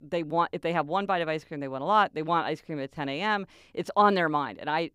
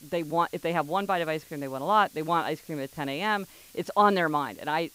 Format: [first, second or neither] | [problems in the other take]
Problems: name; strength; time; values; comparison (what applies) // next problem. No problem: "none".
first | hiss; faint; throughout; 25 dB below the speech